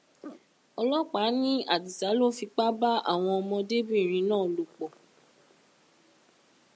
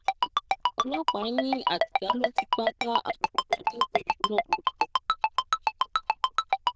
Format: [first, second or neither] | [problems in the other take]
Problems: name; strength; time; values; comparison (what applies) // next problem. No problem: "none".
first | noise reduction (neural diffusion model UNIVERSE++)